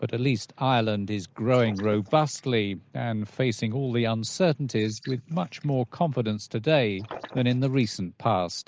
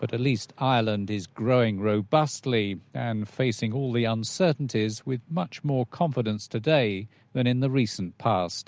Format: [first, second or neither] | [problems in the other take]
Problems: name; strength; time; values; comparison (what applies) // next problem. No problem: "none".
second | noise reduction (neural mask model Resemble Enhance denoiser)